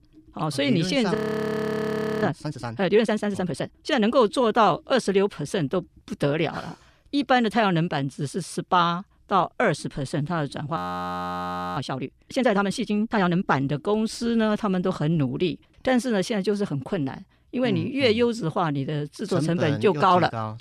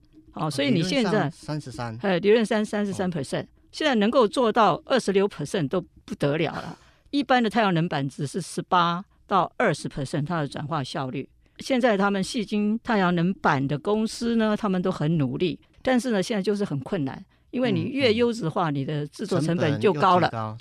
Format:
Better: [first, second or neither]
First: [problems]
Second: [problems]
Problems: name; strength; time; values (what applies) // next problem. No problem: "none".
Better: second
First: audio freezing; at 1 s for 1 s and at 11 s for 1 s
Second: none